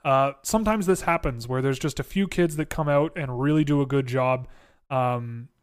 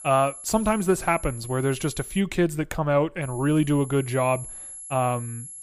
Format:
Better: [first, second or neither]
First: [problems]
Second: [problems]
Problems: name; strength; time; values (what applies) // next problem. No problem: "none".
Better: first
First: none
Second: high-pitched whine; noticeable; until 2 s and from 3 s on; 11 kHz, 15 dB below the speech